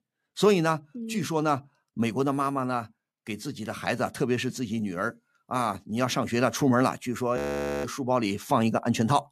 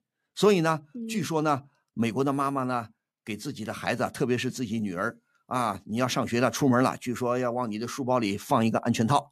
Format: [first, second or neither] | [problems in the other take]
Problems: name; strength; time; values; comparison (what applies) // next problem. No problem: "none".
second | audio freezing; at 7.5 s